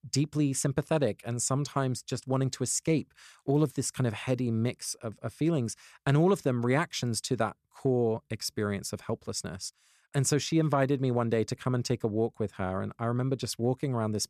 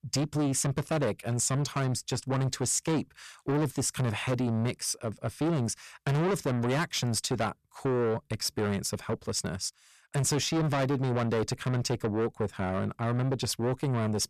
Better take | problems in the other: first | distortion; heavy; 7 dB below the speech

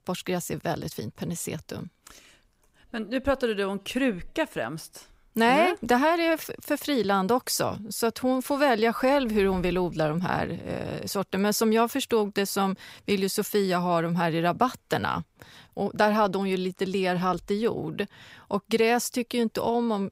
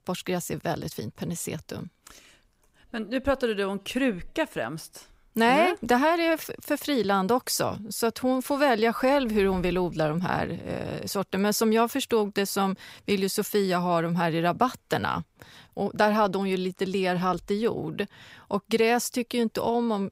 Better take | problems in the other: neither | none

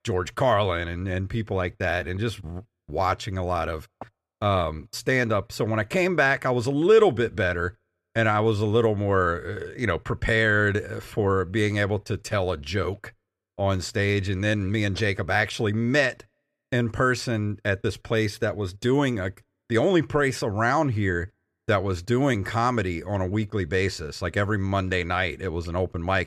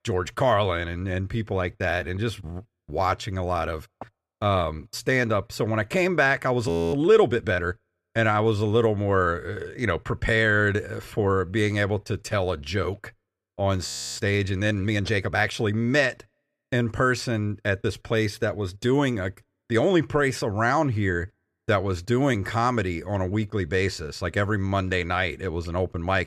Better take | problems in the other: first | audio freezing; at 6.5 s and at 14 s

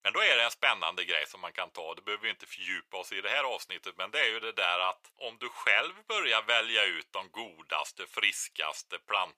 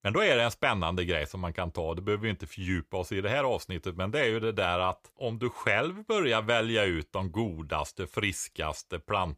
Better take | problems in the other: second | thin; very; fading below 800 Hz

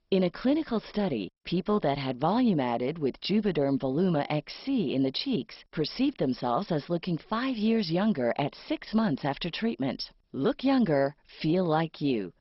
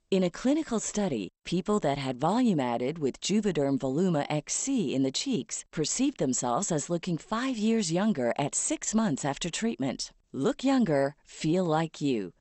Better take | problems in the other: second | garbled, watery; badly; nothing above 5.5 kHz; slightly in the second

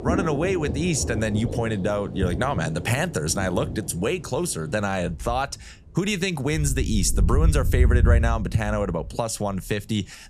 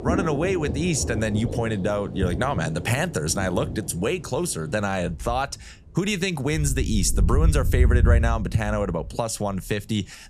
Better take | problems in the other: neither | rain or running water; loud; throughout; 2 dB below the speech; the same in both

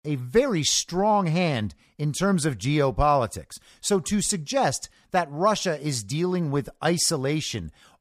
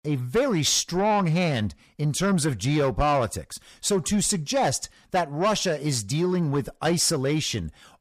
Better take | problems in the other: first | distortion; slight; 10 dB below the speech

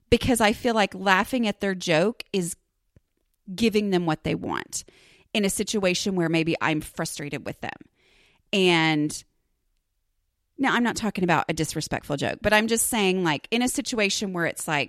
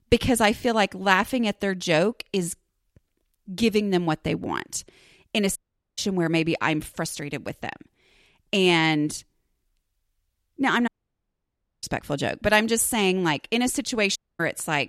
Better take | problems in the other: first | audio cutting out; at 5.5 s, at 11 s for 1 s and at 14 s

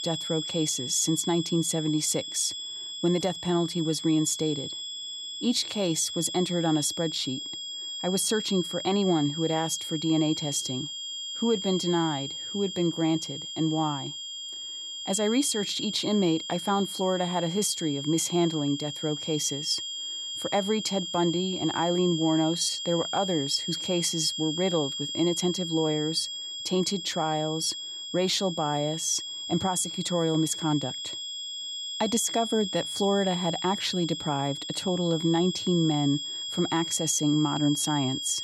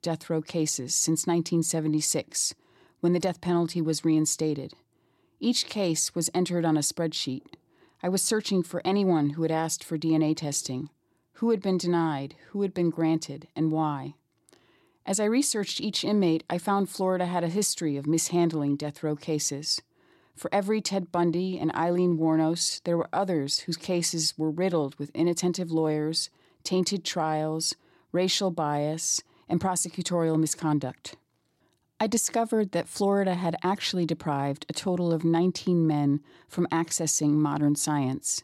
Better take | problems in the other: second | high-pitched whine; loud; throughout; 3.5 kHz, 5 dB below the speech

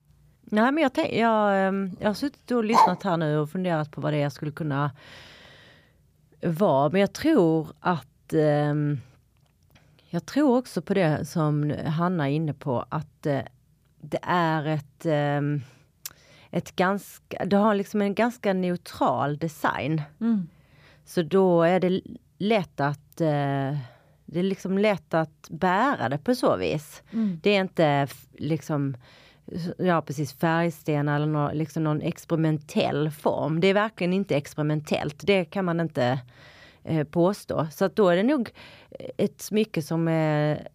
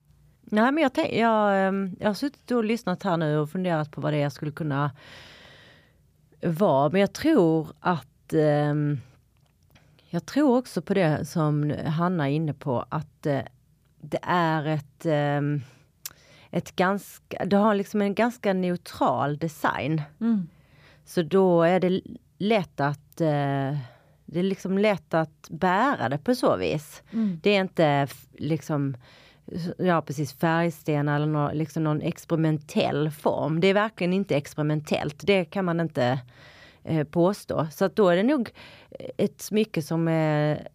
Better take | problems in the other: second | dog barking; loud; at 2.5 s; peak 5 dB above the speech

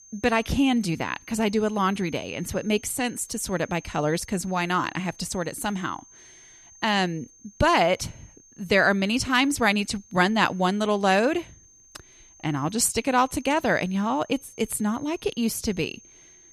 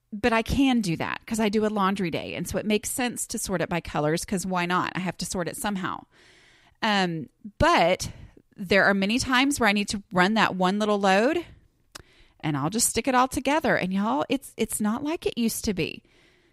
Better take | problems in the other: second | high-pitched whine; faint; throughout; 6.5 kHz, 25 dB below the speech

